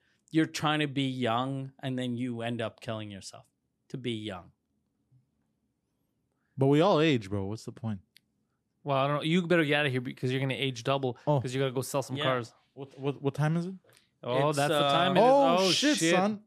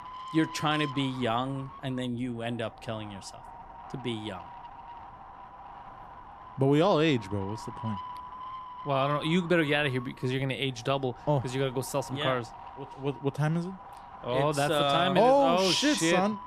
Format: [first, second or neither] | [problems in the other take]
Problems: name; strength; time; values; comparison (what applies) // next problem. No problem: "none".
first | wind noise on the microphone; occasional gusts; 15 dB below the speech